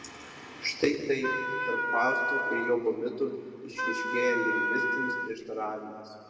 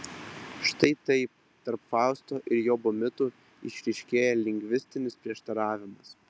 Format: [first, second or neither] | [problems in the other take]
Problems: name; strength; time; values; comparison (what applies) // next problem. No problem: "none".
second | background sound (Wind instrument, woodwind instrument); 1 dB above the speech // room echo; dies away in 2.3 s